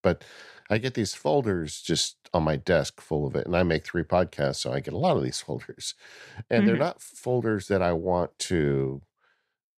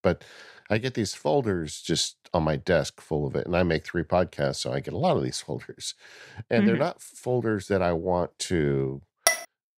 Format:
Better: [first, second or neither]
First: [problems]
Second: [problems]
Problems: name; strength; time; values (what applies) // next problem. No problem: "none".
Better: first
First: none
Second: clattering dishes; loud; at 9.5 s; peak 3 dB above the speech